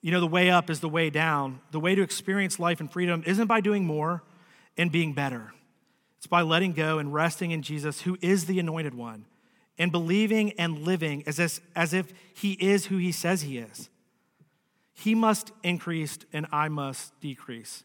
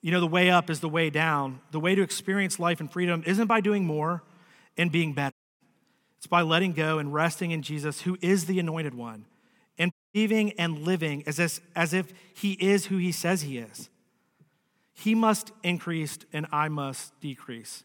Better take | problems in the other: first | audio cutting out; at 5.5 s and at 10 s

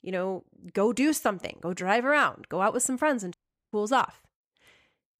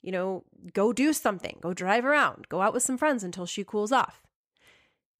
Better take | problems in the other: second | audio cutting out; at 3.5 s

